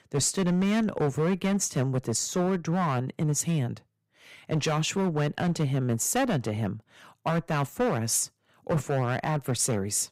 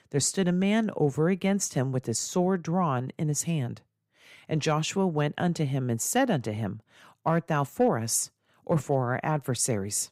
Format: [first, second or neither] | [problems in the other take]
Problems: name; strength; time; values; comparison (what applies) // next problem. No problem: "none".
second | distortion; slight; 10% of the sound clipped